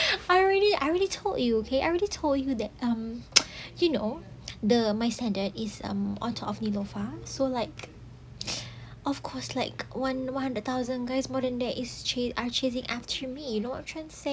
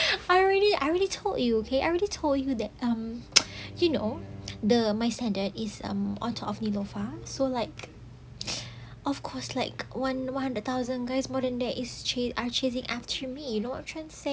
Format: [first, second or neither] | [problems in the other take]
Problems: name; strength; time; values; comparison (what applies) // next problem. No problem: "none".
first | background sound (Bowed string instrument); 18 dB below the speech